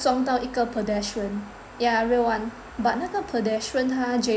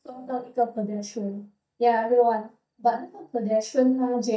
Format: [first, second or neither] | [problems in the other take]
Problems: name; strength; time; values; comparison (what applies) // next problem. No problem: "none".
first | noise reduction (neural mask model DeepFilterNet 3)